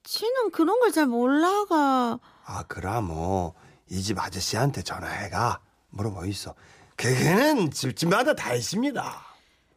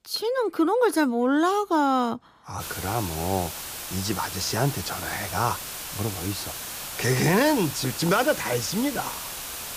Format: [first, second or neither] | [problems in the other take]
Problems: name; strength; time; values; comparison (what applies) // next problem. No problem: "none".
first | hiss; loud; from 2.5 s on; 8 dB below the speech